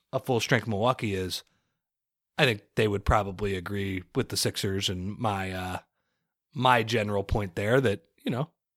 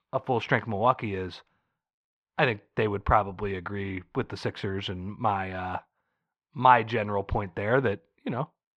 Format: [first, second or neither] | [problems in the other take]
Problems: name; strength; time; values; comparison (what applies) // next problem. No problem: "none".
first | muffled; very; fading above 2 kHz